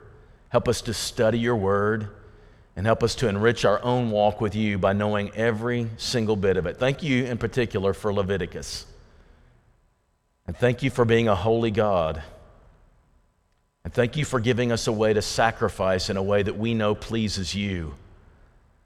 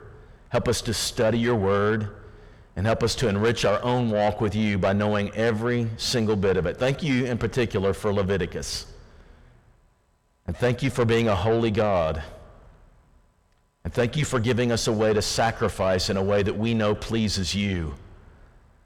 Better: first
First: none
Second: distortion; slight; 10 dB below the speech

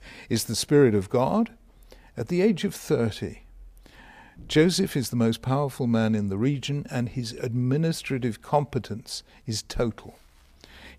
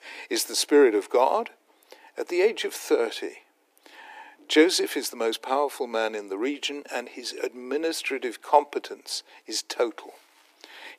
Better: first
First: none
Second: thin; very; fading below 300 Hz

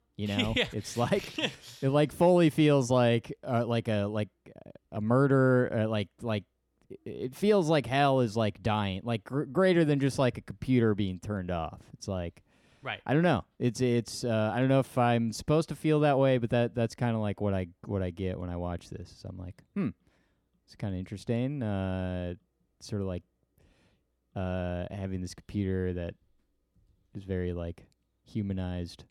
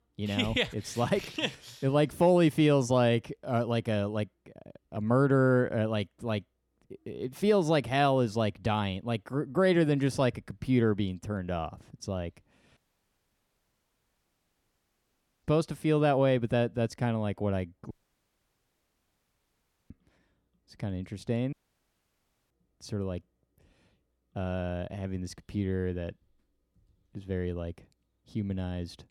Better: first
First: none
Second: audio cutting out; at 13 s for 2.5 s, at 18 s for 2 s and at 22 s for 1 s

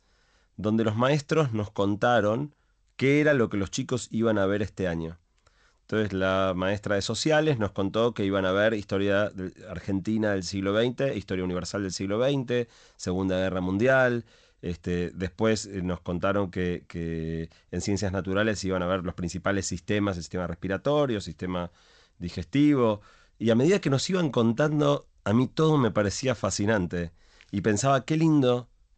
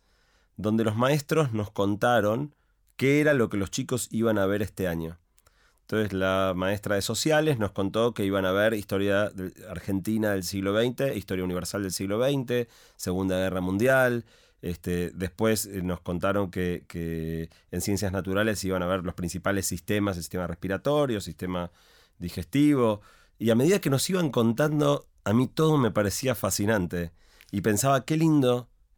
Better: second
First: garbled, watery; slightly; nothing above 8 kHz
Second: none

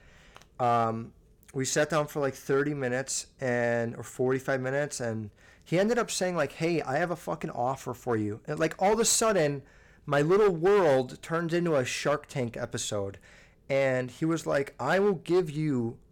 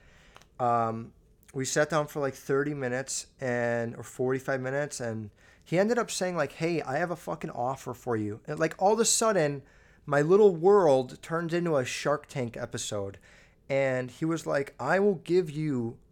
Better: second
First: distortion; slight; 5% of the sound clipped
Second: none

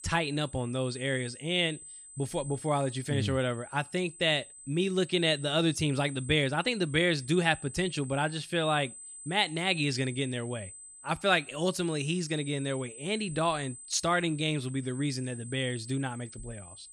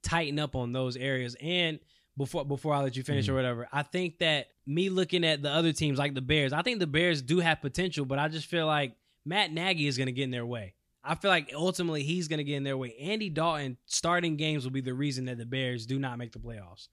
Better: second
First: high-pitched whine; noticeable; throughout; 8 kHz, 15 dB below the speech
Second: none

